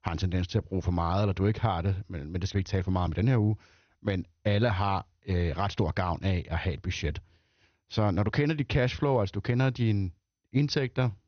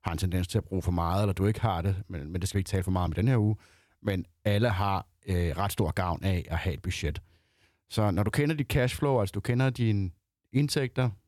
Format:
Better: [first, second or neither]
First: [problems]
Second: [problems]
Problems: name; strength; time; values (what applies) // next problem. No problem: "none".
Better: second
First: garbled, watery; slightly; nothing above 6.5 kHz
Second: none